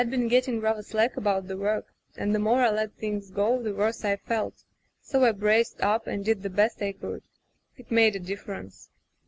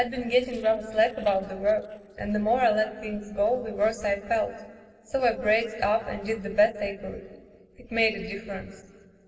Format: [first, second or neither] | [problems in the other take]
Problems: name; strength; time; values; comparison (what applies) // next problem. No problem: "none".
first | noise reduction (neural separator model SepFormer DNS4)